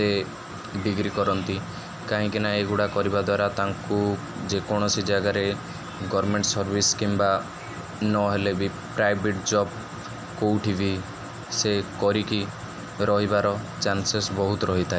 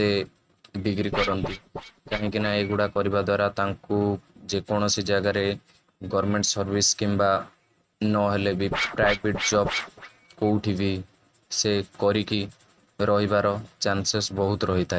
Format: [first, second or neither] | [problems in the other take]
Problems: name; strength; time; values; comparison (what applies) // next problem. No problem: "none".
first | noise reduction (neural mask model RNNoise)